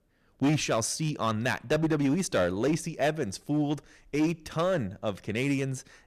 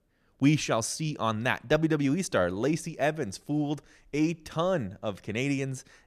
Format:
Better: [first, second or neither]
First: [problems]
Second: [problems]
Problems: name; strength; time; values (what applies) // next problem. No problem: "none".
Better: second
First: distortion; slight; 6% of the sound clipped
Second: none